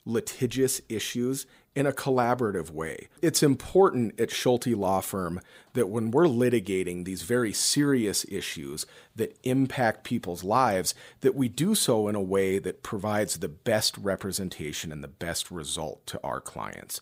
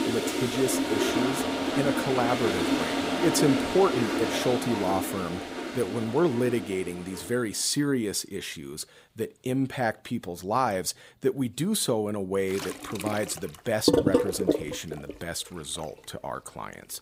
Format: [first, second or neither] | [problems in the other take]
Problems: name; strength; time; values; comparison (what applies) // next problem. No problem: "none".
first | household noises; very loud; throughout; as loud as the speech